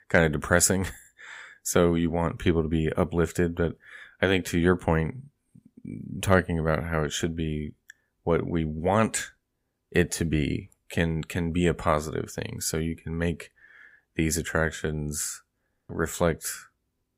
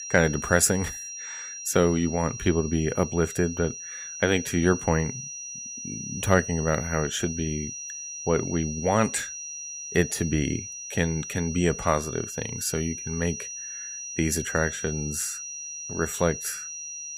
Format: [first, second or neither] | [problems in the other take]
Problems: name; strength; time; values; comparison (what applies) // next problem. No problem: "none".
first | high-pitched whine; loud; throughout; 6 kHz, 8 dB below the speech